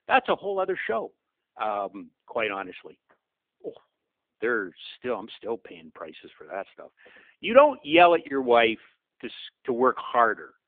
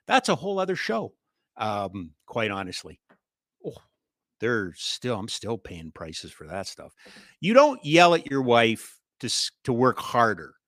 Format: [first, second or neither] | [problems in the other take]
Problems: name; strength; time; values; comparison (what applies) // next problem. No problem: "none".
second | phone-call audio; nothing above 3.5 kHz